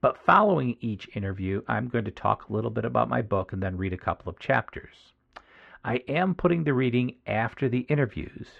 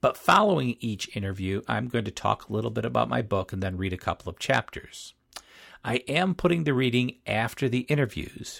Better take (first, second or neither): second